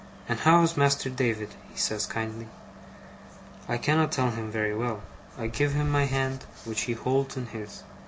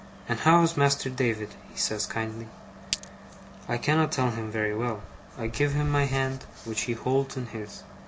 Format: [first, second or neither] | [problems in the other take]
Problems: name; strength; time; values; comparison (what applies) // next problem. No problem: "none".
first | background sound (Glass); 11 dB below the speech